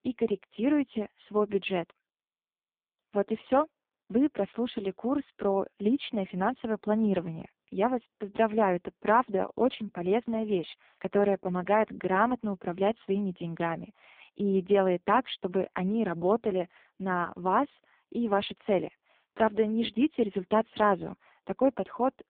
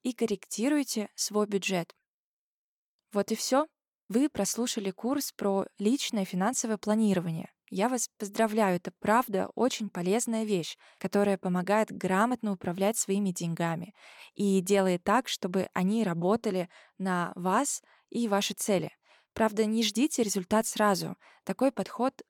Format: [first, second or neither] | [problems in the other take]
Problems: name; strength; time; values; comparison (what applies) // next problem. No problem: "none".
second | phone-call audio; poor line